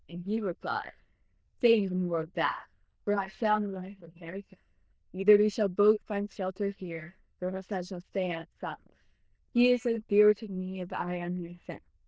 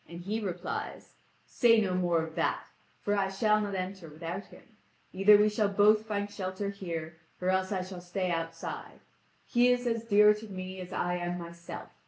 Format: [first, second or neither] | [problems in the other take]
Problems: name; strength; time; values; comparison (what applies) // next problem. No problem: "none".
second | noise reduction (neural diffusion model UNIVERSE++)